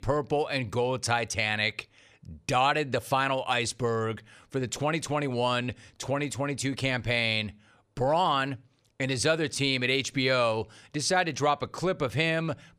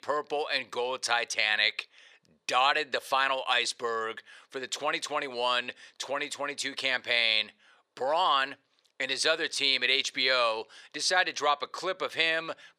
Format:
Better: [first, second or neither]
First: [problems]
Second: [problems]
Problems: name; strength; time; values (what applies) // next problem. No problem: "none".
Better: first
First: none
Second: thin; very; fading below 500 Hz